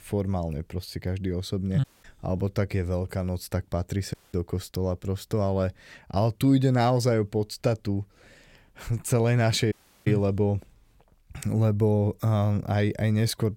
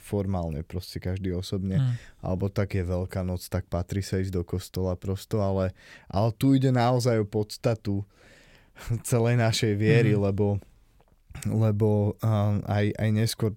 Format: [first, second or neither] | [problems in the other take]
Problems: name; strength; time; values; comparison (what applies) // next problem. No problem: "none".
second | audio cutting out; at 2 s, at 4 s and at 9.5 s